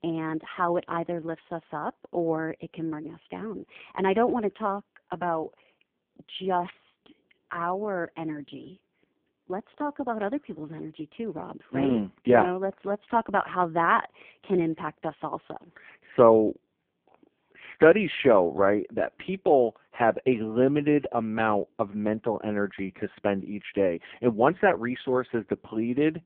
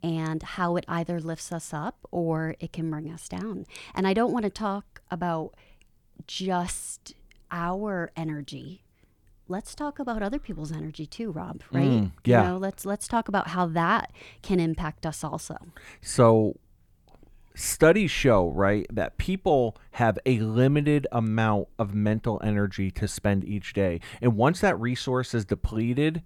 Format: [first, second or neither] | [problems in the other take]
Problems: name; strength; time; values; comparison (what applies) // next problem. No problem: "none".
second | phone-call audio; poor line